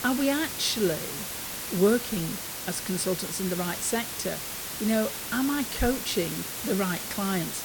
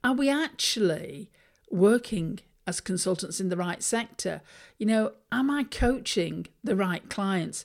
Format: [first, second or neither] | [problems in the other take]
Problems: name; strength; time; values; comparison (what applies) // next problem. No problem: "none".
second | hiss; loud; throughout; 4 dB below the speech